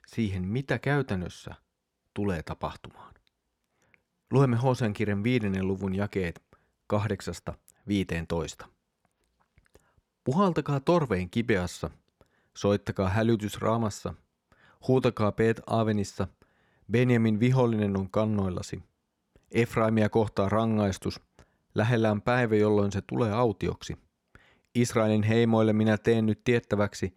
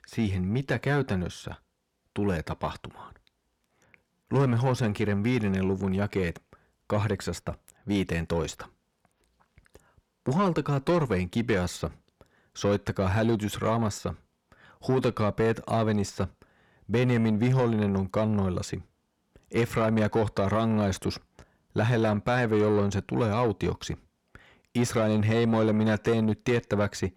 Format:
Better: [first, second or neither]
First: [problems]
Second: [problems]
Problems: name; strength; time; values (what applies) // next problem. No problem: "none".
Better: first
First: none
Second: distortion; slight; 10 dB below the speech